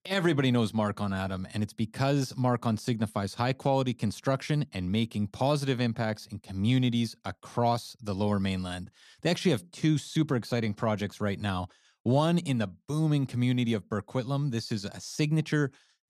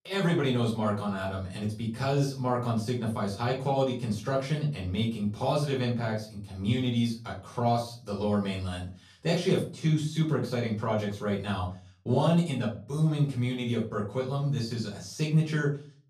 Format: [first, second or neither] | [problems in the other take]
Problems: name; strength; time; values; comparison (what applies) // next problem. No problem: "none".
first | off-mic speech; far // room echo; slight; dies away in 0.3 s